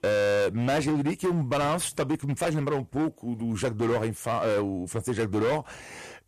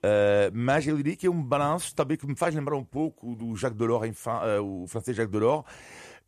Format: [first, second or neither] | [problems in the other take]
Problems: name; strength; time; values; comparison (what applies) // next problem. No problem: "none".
second | distortion; heavy; 19% of the sound clipped